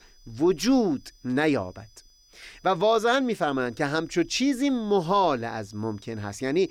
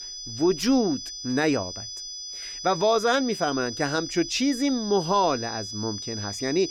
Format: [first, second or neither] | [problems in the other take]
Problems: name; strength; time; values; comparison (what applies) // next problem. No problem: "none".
first | high-pitched whine; loud; throughout; 5 kHz, 8 dB below the speech; faint in the first